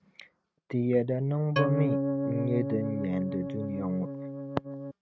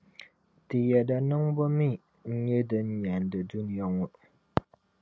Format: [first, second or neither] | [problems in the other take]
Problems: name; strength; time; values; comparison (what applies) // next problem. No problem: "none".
second | noise reduction (neural mask model RNNoise)